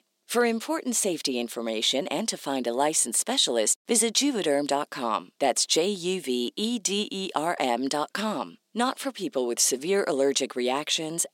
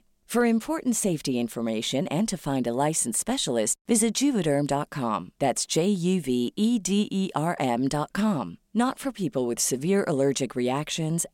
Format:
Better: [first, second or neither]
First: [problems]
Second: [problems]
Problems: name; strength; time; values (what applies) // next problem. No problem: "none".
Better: second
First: thin; very slightly; fading below 300 Hz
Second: none